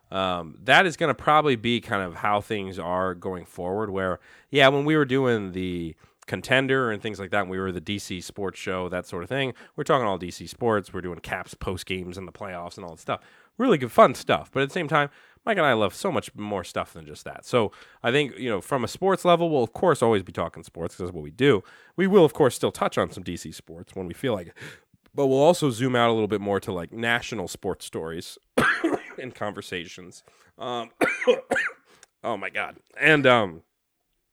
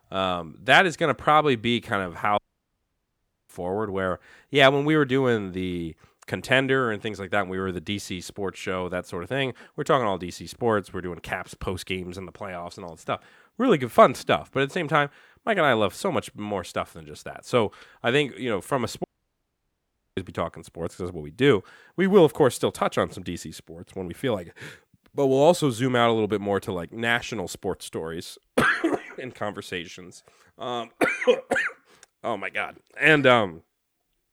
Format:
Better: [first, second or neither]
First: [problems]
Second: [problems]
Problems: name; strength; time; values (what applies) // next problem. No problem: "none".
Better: first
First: none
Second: audio cutting out; at 2.5 s for 1 s and at 19 s for 1 s